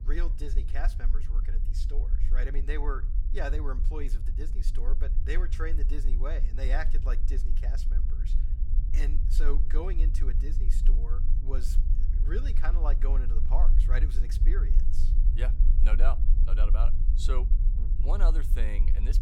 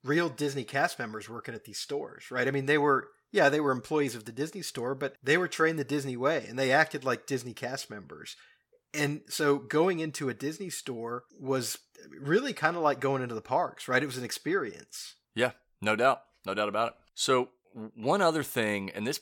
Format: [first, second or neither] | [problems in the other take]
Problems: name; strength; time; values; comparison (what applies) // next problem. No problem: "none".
second | low rumble; noticeable; throughout; 10 dB below the speech